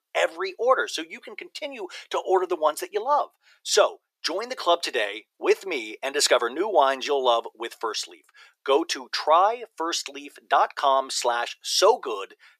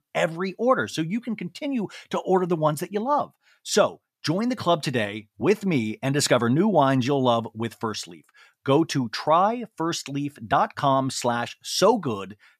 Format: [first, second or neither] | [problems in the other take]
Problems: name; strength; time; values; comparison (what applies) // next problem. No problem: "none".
second | thin; very; fading below 400 Hz